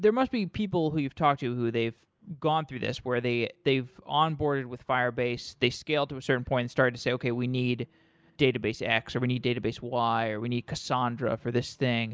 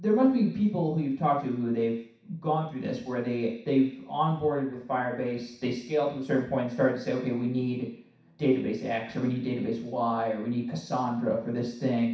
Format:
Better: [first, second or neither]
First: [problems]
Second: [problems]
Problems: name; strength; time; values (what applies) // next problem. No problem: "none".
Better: first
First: none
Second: room echo; dies away in 0.6 s